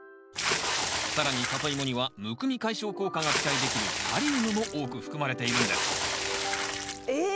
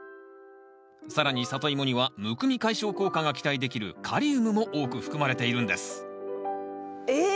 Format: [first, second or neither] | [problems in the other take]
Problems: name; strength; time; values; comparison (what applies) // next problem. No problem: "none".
second | background sound (Water / Splash, splatter); 1 dB above the speech